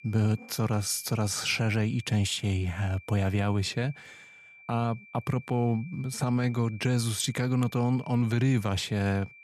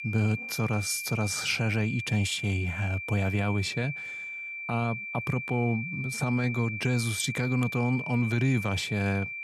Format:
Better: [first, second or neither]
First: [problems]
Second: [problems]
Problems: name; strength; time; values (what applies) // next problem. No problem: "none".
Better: first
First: high-pitched whine; faint; throughout; 2.5 kHz, 20 dB below the speech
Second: high-pitched whine; loud; throughout; 2.5 kHz, 6 dB below the speech